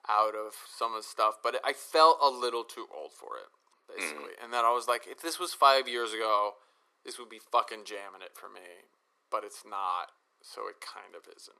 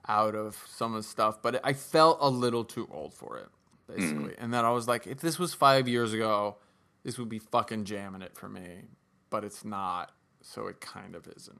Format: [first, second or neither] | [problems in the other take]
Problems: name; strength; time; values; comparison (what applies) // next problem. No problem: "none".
second | thin; very; fading below 350 Hz